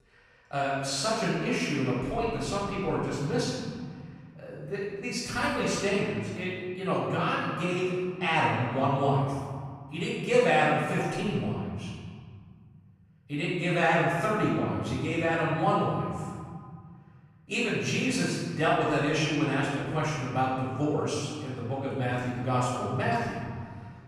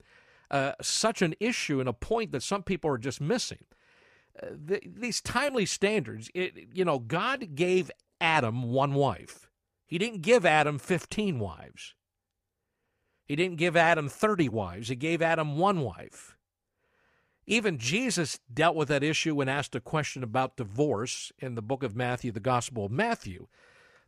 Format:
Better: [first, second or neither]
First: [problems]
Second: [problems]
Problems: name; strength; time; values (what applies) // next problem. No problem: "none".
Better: second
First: off-mic speech; far // room echo; strong; dies away in 2 s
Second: none